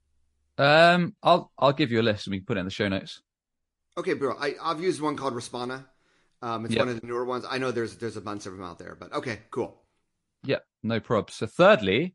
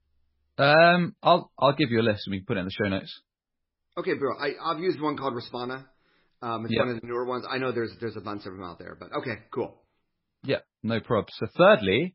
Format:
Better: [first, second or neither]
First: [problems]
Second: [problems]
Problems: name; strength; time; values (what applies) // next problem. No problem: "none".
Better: first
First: garbled, watery; slightly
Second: garbled, watery; badly